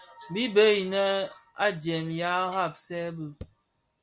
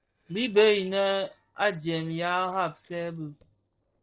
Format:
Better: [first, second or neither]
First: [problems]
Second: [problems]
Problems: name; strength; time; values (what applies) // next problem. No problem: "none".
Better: first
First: none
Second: noise reduction (neural separator model SepFormer DNS4)